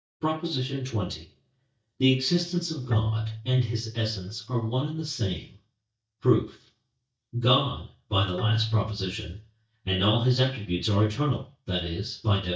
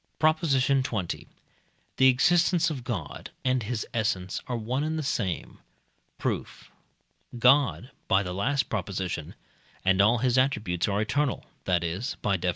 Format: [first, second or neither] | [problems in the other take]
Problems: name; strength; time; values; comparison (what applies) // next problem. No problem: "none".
second | noise reduction (neural mask model DeepFilterNet 3)